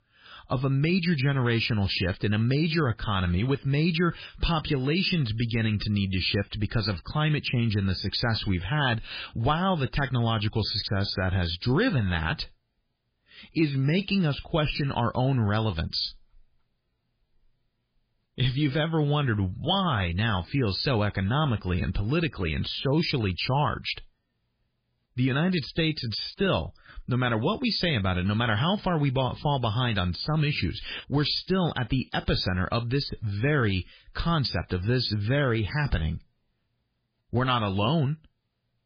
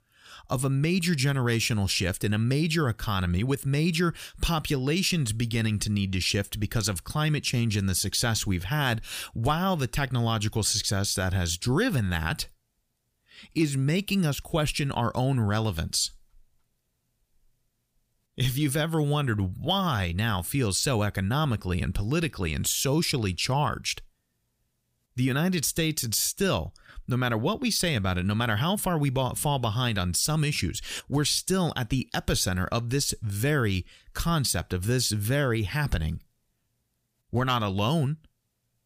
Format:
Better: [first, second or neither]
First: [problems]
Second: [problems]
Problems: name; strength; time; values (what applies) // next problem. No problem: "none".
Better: second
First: garbled, watery; badly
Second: none